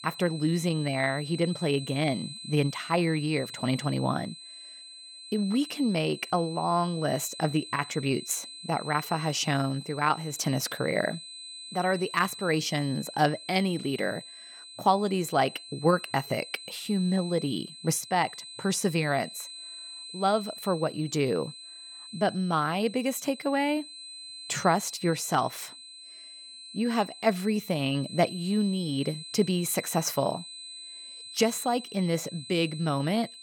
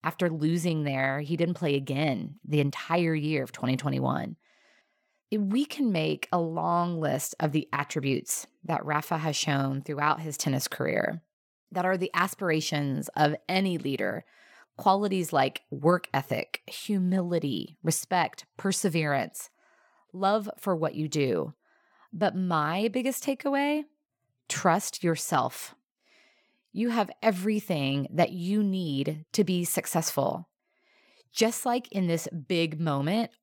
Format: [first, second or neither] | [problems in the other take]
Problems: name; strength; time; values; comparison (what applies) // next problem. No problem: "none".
second | high-pitched whine; noticeable; throughout; 4 kHz, 15 dB below the speech